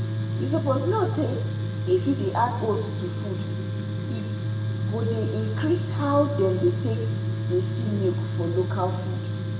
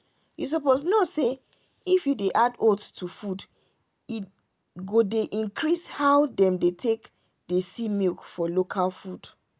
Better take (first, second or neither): second